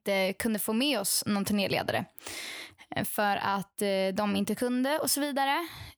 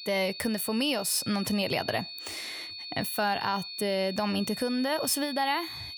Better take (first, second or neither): first